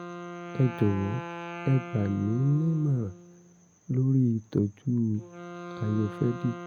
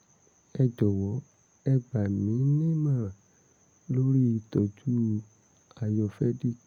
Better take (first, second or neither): second